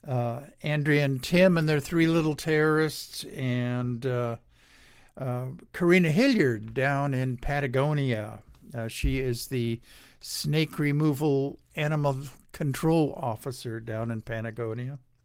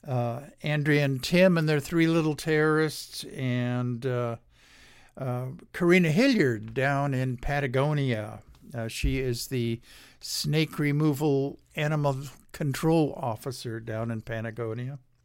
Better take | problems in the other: second | garbled, watery; slightly; nothing above 16 kHz

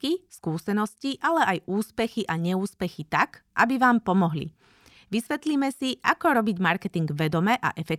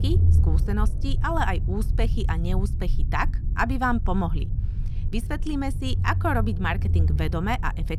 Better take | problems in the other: first | low rumble; noticeable; throughout; 15 dB below the speech

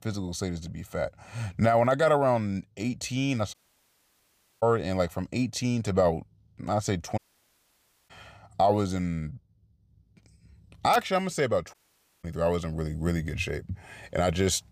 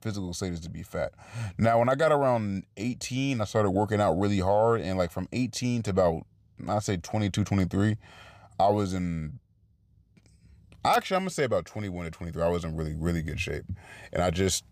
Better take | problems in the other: second | audio cutting out; at 3.5 s for 1 s, at 7 s for 1 s and at 12 s

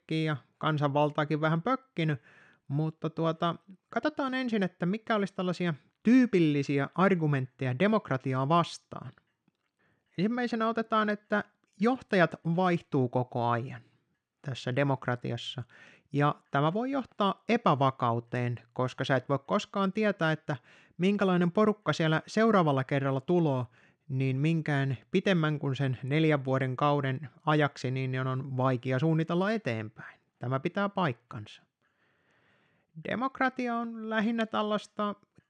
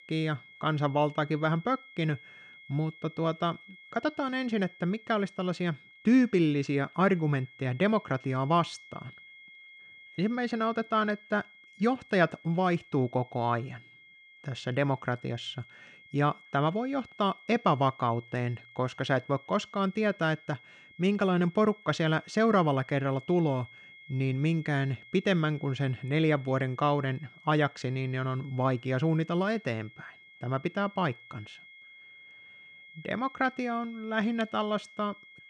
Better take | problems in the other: first | high-pitched whine; faint; throughout; 2 kHz, 20 dB below the speech

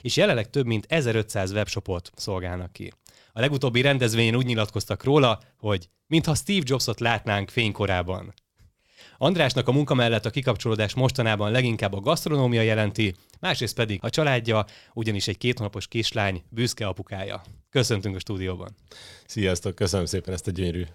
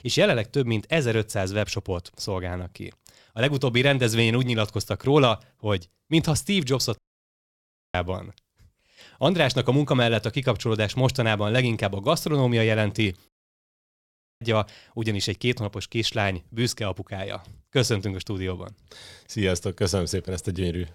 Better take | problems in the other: first | audio cutting out; at 7 s for 1 s and at 13 s for 1 s

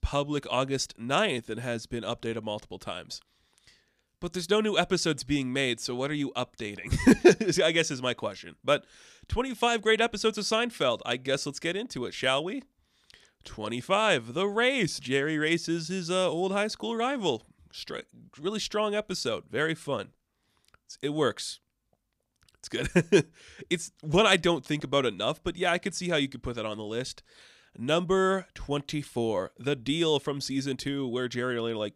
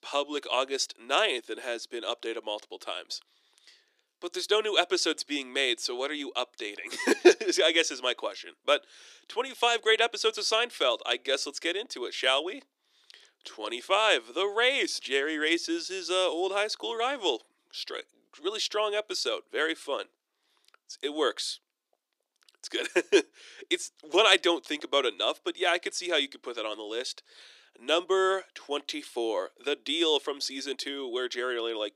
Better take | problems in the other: first | thin; somewhat; fading below 350 Hz

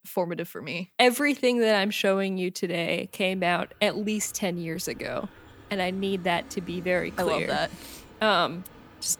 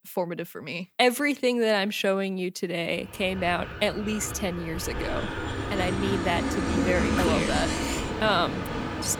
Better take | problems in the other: first | train or aircraft noise; loud; from 3 s on; 2 dB below the speech; faint in the first

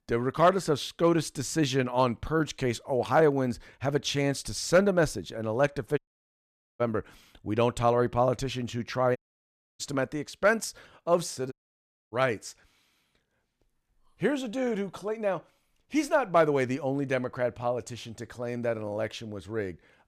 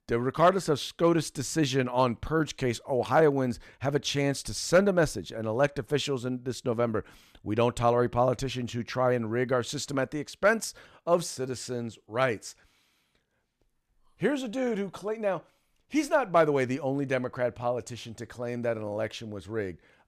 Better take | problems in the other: second | audio cutting out; at 6 s for 1 s, at 9 s for 0.5 s and at 12 s for 0.5 s

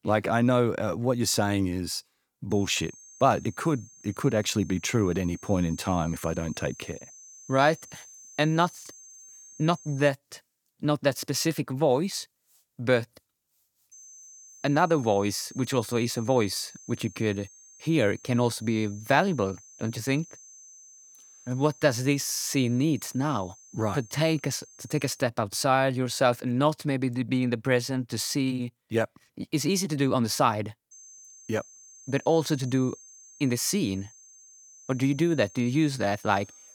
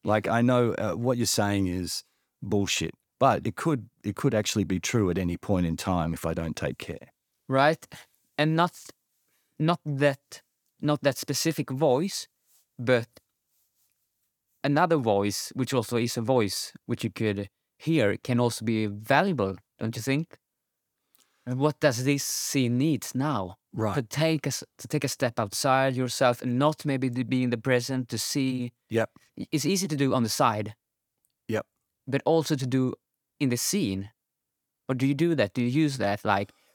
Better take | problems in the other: second | high-pitched whine; faint; from 2.5 to 10 s, from 14 to 25 s and from 31 s on; 6.5 kHz, 20 dB below the speech

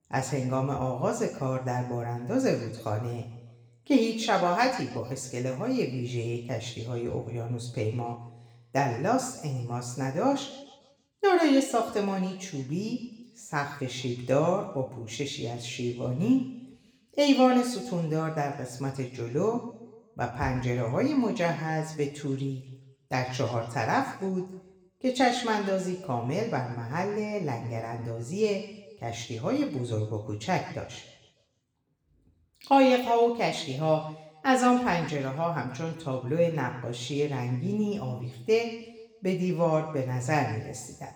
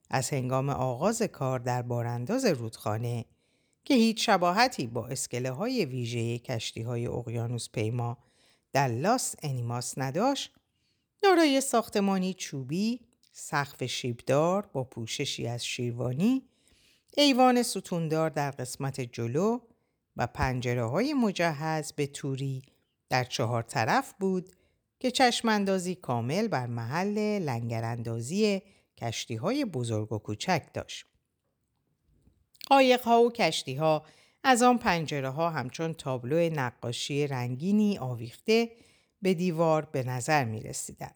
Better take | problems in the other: second | room echo; slight; dies away in 1 s // off-mic speech; somewhat distant

